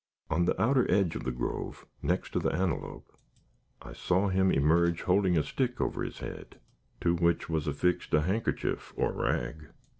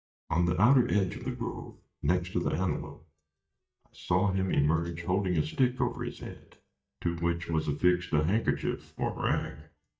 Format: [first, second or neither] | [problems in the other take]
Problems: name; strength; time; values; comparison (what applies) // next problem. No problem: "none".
first | noise reduction (neural mask model DeepFilterNet 3)